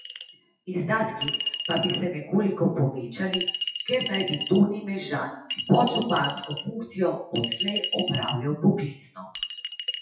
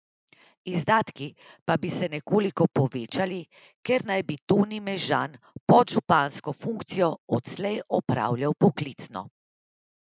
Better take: second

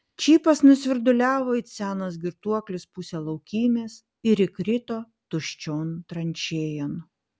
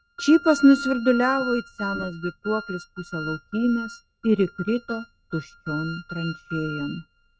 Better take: first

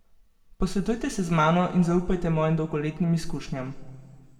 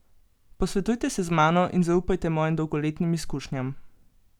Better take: second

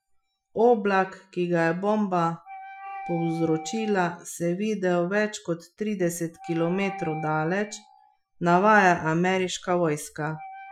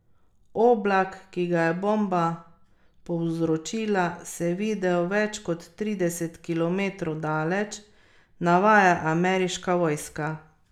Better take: second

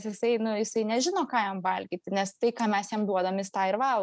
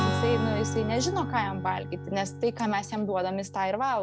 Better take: first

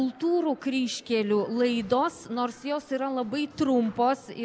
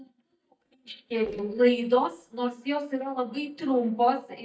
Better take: first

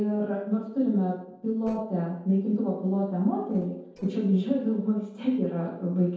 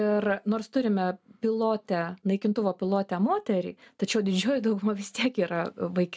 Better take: second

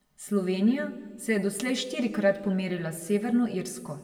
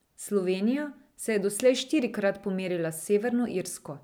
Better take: second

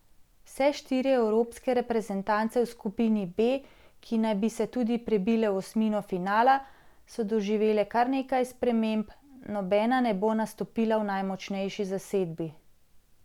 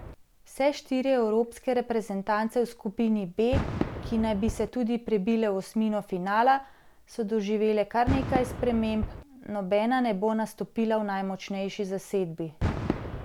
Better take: first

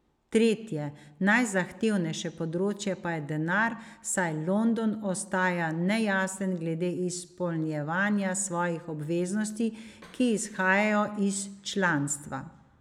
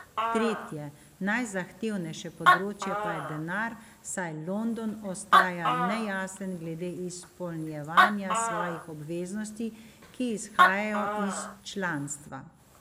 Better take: first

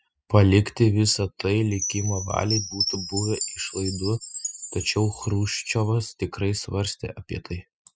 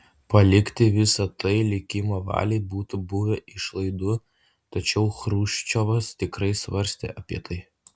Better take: second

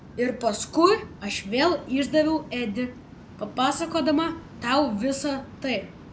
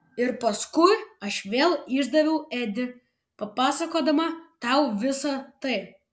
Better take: second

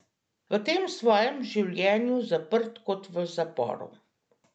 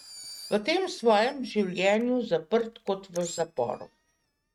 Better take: first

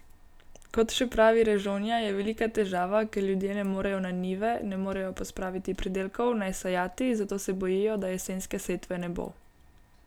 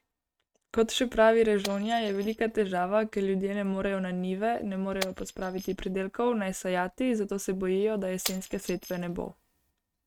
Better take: first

